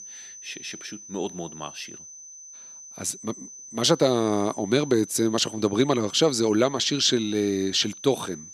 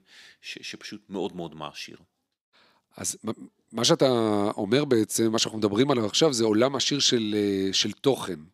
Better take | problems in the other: second | high-pitched whine; noticeable; throughout; 6 kHz, 15 dB below the speech

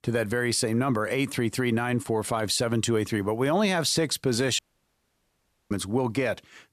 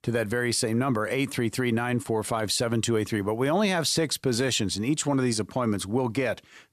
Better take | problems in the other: second | audio cutting out; at 4.5 s for 1 s

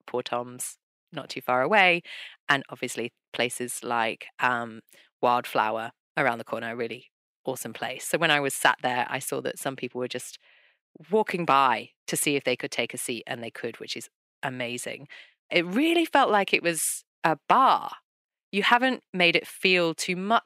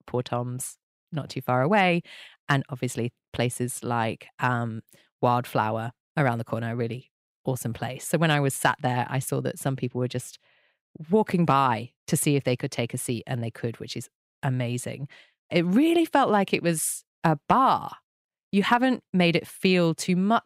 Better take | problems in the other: second | thin; somewhat; fading below 300 Hz

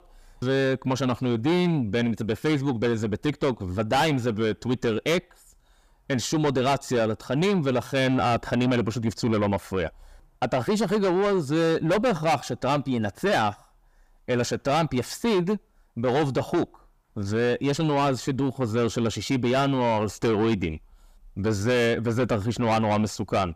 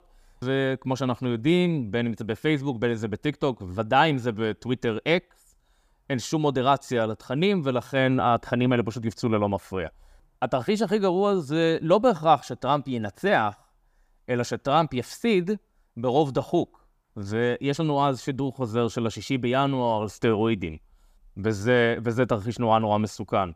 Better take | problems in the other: second | distortion; heavy; 7 dB below the speech

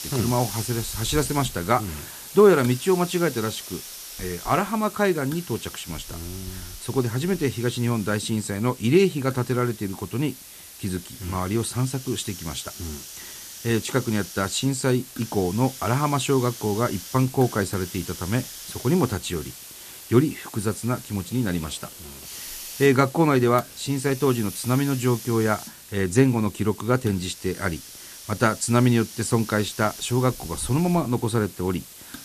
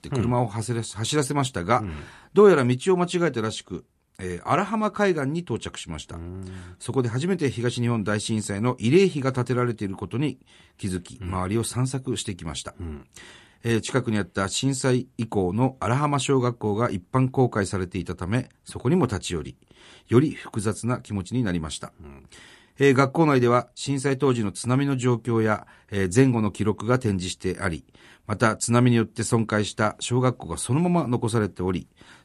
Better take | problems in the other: second | hiss; noticeable; throughout; 15 dB below the speech

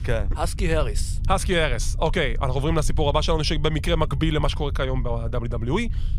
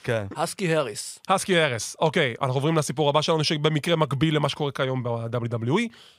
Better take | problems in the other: second | low rumble; faint; throughout; 20 dB below the speech

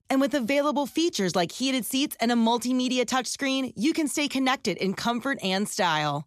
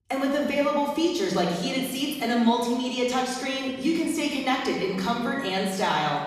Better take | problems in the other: first | off-mic speech; somewhat distant // room echo; noticeable; dies away in 1.7 s

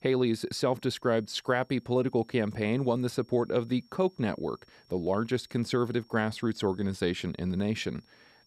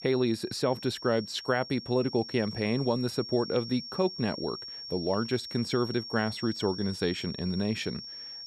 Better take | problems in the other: first | high-pitched whine; loud; throughout; 5.5 kHz, 9 dB below the speech; faint in the first

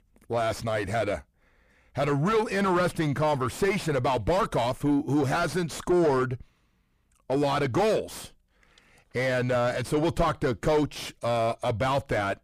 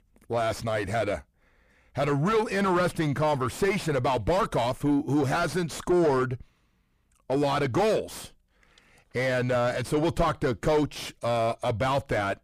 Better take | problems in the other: neither | distortion; heavy; 5 dB below the speech; the same in both

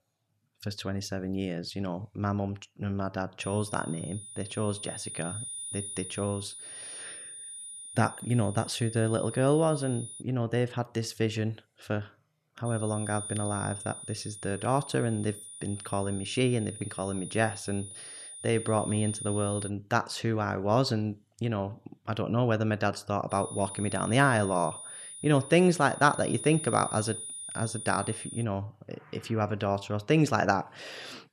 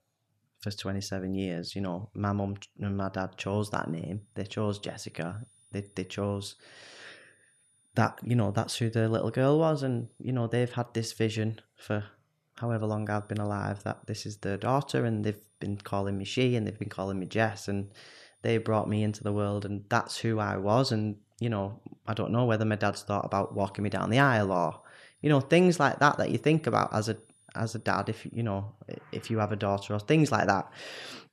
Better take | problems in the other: second | high-pitched whine; loud; from 3.5 to 10 s, from 13 to 20 s and from 23 to 28 s; 9.5 kHz, 9 dB below the speech; faint in the second

